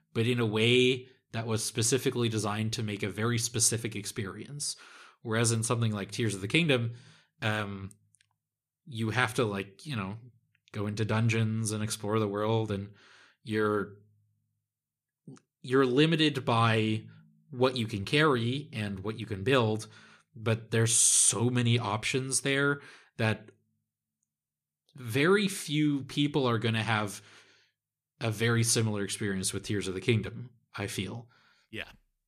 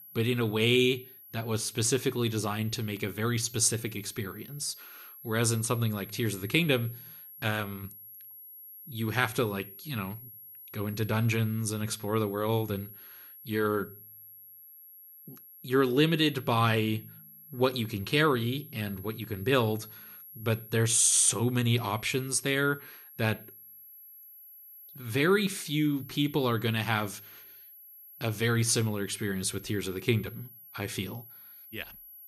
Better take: first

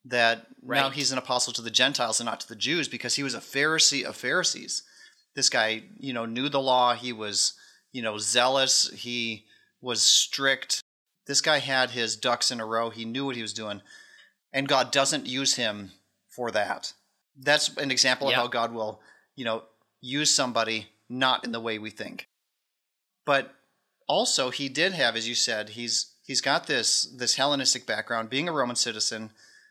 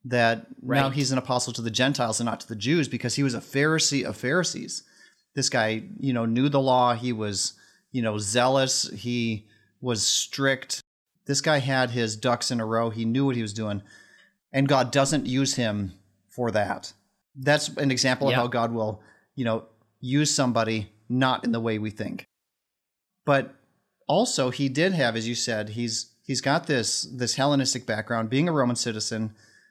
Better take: second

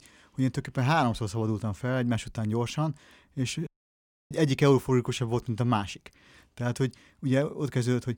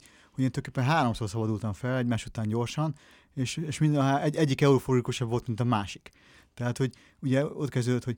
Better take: second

